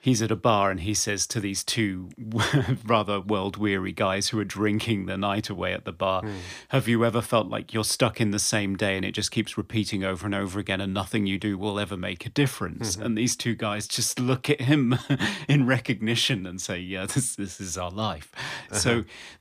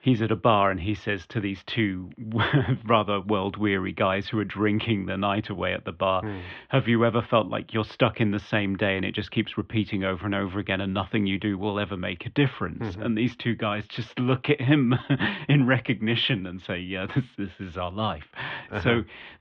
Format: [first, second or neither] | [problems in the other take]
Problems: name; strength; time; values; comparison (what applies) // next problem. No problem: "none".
first | muffled; very; fading above 3 kHz